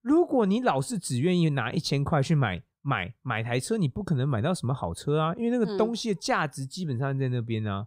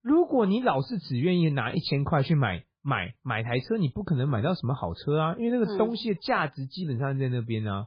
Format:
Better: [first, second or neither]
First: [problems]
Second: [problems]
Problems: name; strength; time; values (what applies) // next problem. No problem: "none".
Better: first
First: none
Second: garbled, watery; badly; nothing above 4.5 kHz